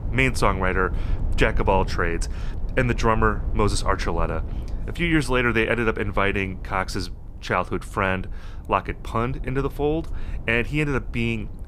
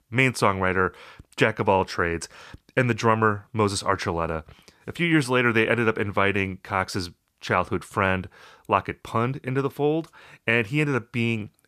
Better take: second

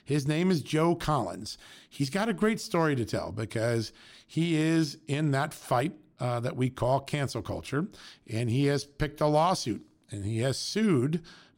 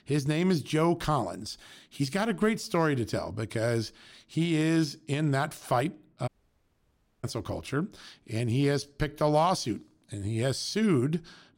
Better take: first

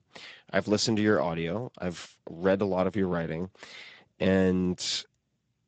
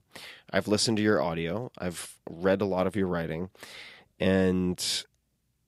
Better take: second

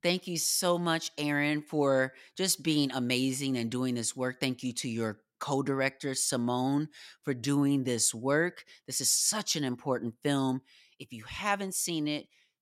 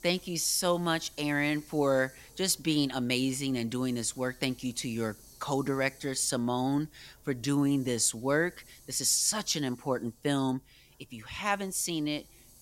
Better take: first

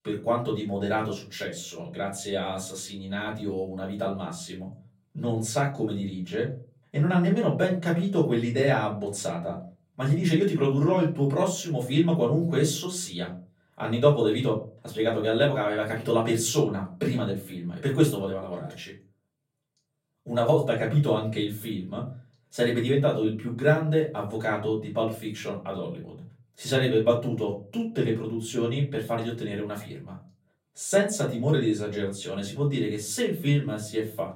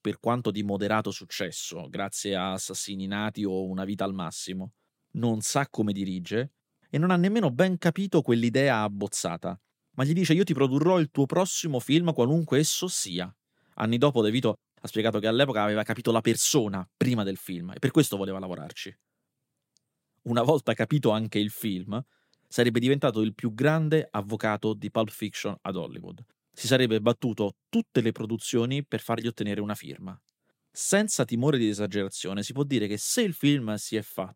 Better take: second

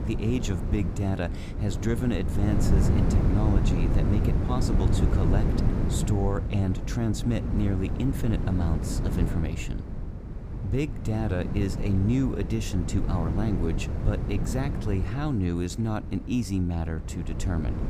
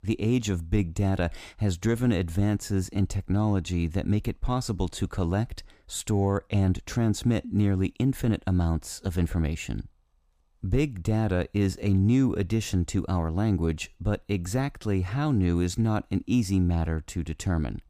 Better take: second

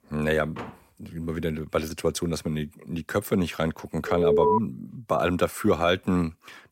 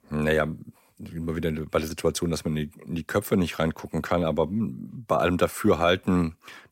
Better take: second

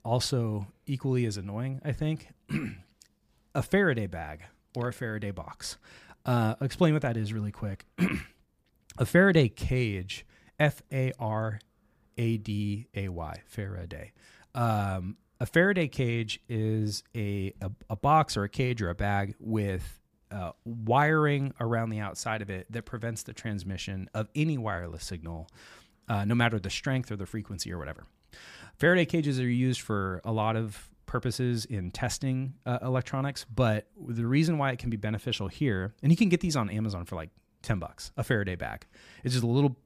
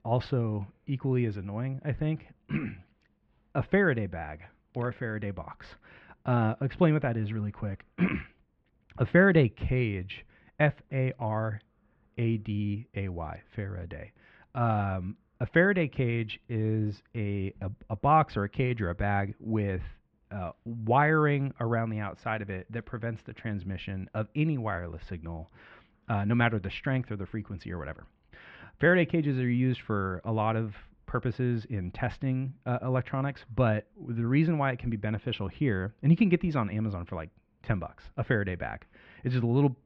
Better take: first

